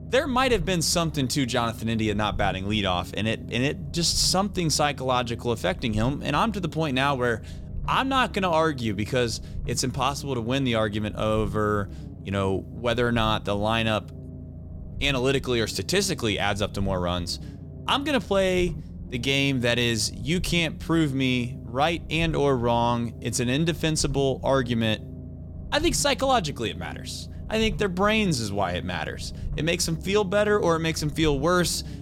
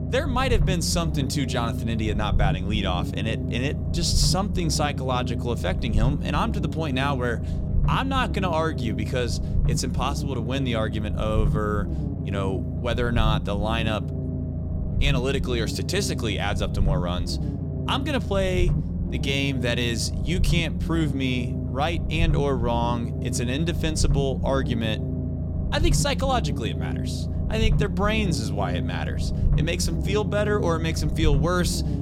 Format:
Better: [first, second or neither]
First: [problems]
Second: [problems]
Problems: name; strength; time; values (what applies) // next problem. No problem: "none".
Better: first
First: low rumble; faint; throughout; 25 dB below the speech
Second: low rumble; loud; throughout; 10 dB below the speech